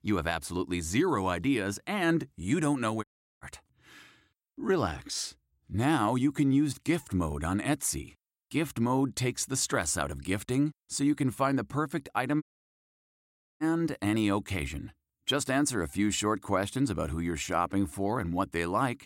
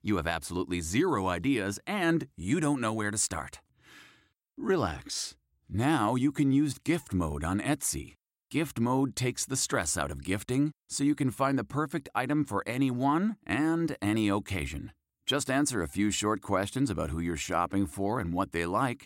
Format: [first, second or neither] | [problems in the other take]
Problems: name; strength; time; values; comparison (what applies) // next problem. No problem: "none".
second | audio cutting out; at 3 s and at 12 s for 1 s